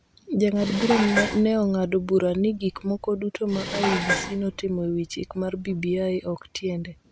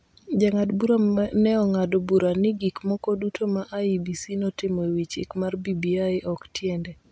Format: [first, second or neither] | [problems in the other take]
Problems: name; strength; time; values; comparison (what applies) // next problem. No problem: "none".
second | background sound (Dishes, pots, and pans); 7 dB below the speech